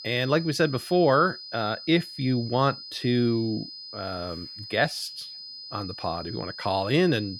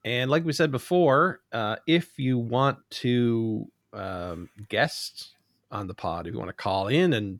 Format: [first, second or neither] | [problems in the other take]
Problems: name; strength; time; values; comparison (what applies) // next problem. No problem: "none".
second | high-pitched whine; noticeable; throughout; 5 kHz, 10 dB below the speech